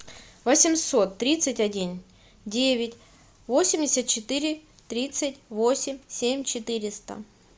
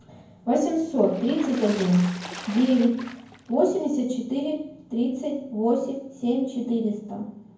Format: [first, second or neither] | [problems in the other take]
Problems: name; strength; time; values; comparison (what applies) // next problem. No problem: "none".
first | background sound (Water / Splash, splatter); 15 dB below the speech // room echo; dies away in 0.9 s